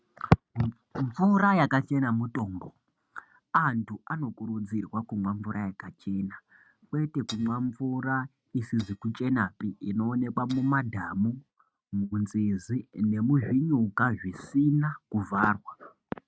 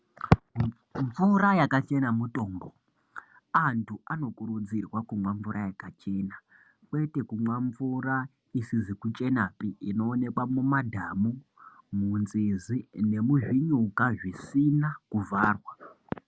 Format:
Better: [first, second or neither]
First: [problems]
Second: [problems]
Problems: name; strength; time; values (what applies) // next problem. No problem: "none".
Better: second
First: noise reduction (neural mask model RNNoise)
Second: none